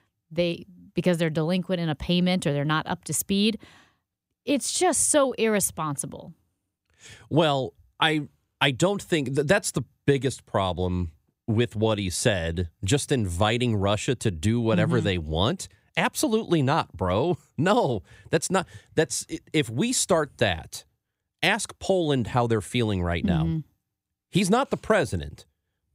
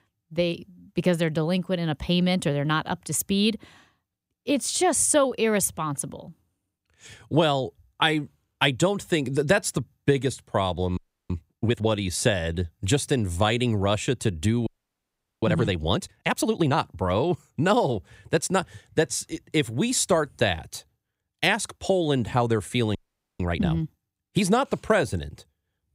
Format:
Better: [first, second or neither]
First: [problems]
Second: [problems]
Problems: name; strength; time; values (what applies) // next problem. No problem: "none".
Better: first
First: none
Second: audio freezing; at 11 s, at 15 s for 1 s and at 23 s